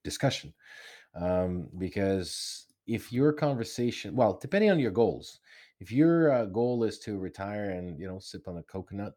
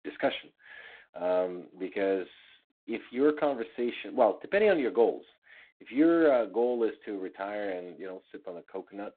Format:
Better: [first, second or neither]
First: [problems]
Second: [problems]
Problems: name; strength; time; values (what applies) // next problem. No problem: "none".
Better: first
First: none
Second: phone-call audio; poor line; nothing above 3.5 kHz